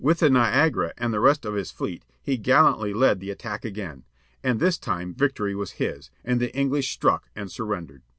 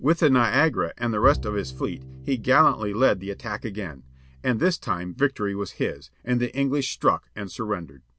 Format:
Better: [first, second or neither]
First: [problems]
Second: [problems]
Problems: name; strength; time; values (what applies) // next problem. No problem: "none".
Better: first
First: none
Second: background sound (Bowed string instrument); 12 dB below the speech